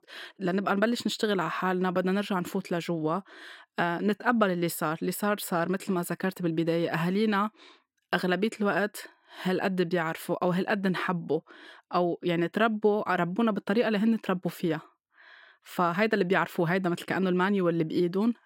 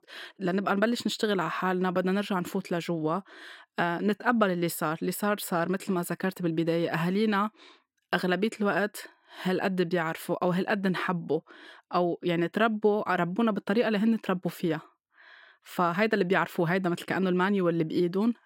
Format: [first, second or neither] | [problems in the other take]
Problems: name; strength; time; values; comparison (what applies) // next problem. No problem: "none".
neither | none